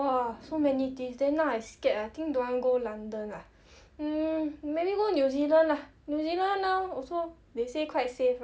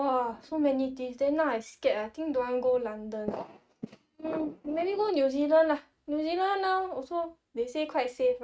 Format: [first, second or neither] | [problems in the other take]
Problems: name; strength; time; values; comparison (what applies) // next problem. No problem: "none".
first | noise reduction (neural mask model RNNoise)